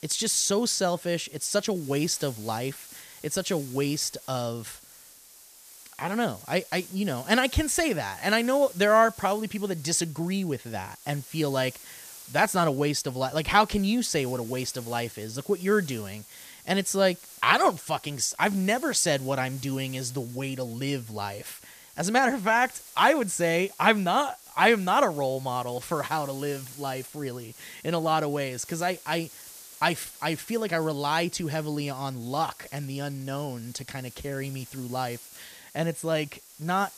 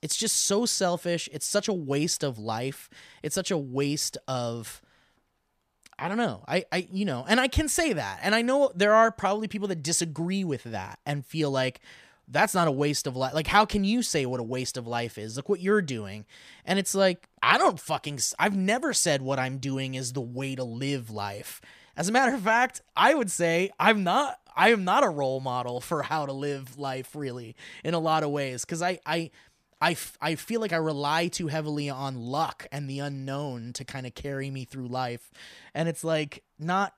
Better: second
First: hiss; noticeable; throughout; 20 dB below the speech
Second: none

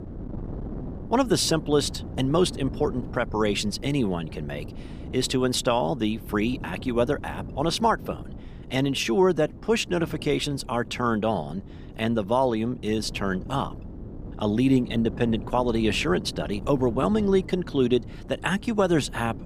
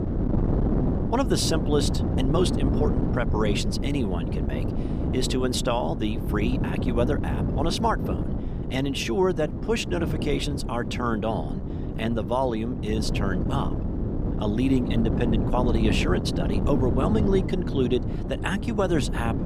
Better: first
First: wind noise on the microphone; occasional gusts; 20 dB below the speech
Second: wind noise on the microphone; heavy; 6 dB below the speech

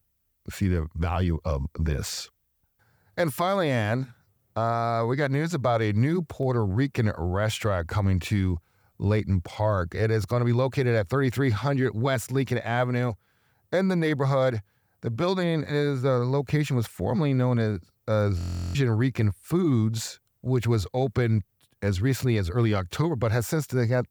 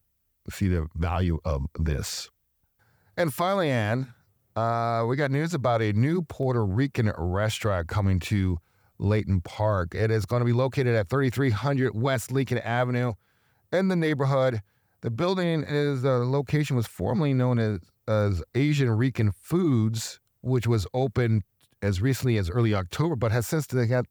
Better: second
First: audio freezing; at 18 s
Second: none

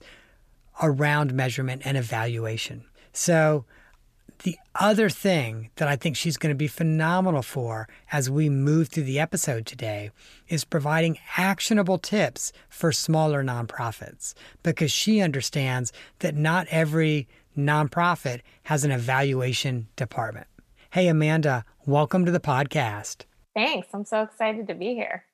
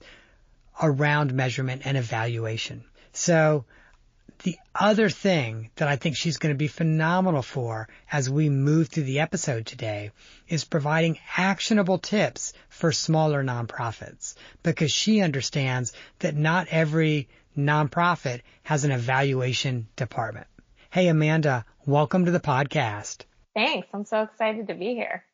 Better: first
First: none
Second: garbled, watery; slightly; nothing above 7 kHz

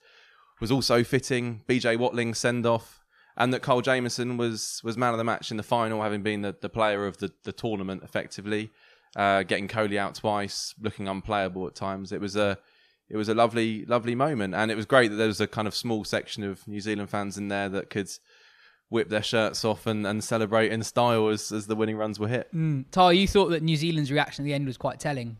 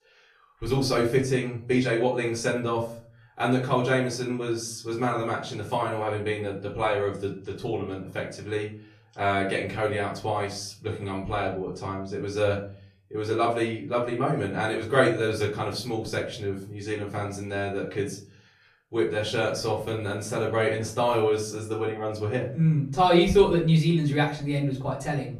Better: first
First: none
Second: off-mic speech; far // room echo; slight; dies away in 0.4 s

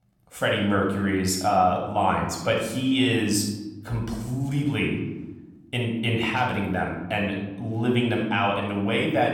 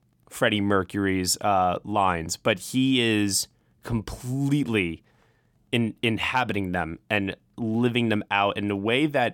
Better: second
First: off-mic speech; somewhat distant // room echo; noticeable; dies away in 1 s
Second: none

